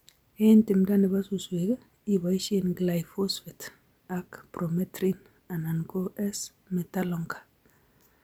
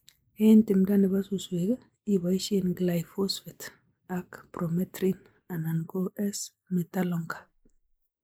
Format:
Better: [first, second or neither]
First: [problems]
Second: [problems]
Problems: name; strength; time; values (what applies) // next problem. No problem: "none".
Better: first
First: none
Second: noise reduction (neural mask model Resemble Enhance denoiser)